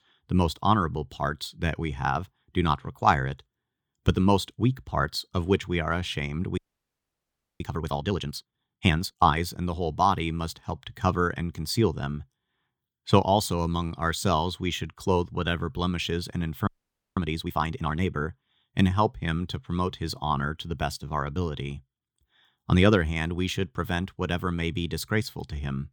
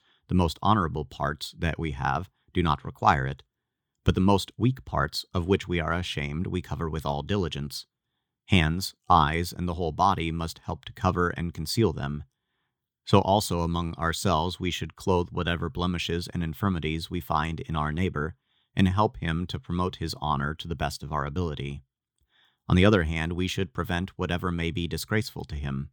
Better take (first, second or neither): second